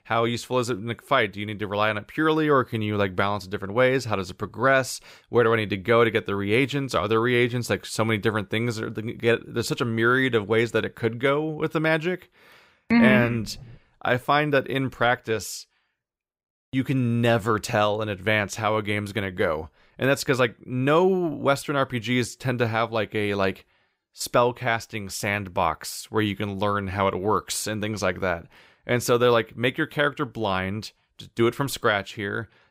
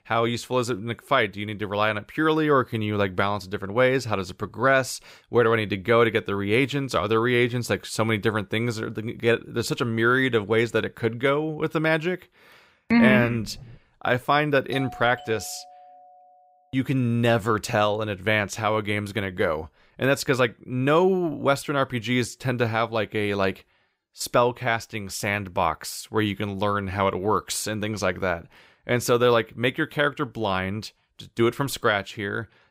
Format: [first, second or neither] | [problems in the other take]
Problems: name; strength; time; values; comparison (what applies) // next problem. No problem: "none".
first | doorbell; faint; from 15 to 16 s; peak 15 dB below the speech